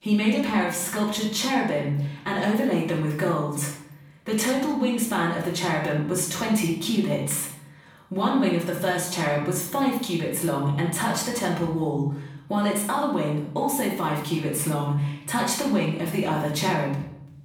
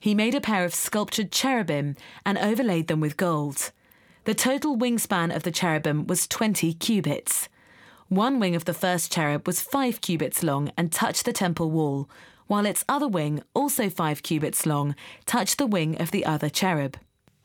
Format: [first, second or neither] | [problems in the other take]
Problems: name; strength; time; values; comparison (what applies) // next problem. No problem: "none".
second | off-mic speech; far // room echo; noticeable; dies away in 0.7 s